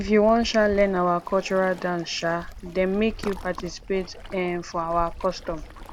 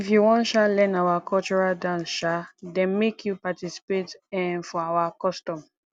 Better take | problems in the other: second | background sound (Waves, surf); 14 dB below the speech

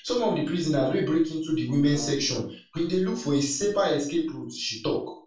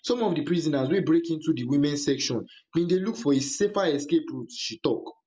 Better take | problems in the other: second | background sound (Brass instrument); 17 dB below the speech // room echo; dies away in 0.3 s

